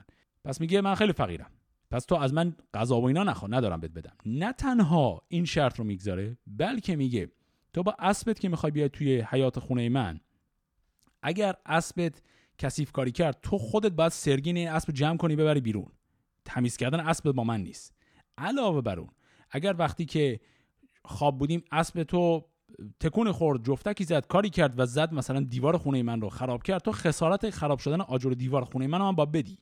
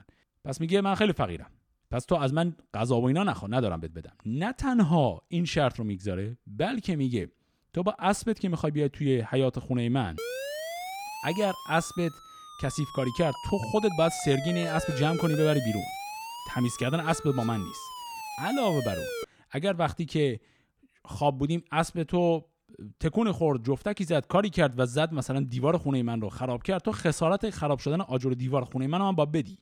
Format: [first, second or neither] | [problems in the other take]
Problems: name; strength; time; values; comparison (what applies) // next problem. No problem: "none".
first | siren; noticeable; from 10 to 19 s; peak 6 dB below the speech